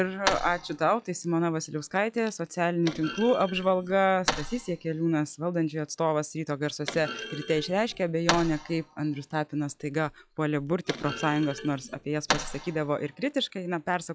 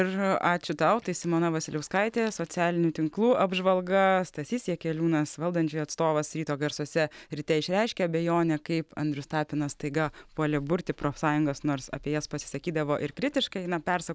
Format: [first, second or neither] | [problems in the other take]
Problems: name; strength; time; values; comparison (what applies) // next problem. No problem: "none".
second | noise reduction (classical method log-MMSE)